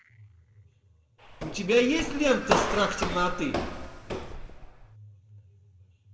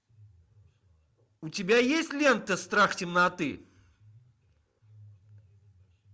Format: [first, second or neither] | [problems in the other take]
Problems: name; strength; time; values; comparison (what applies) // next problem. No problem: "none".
second | background sound (Walk, footsteps); 2 dB below the speech // room echo; dies away in 1.3 s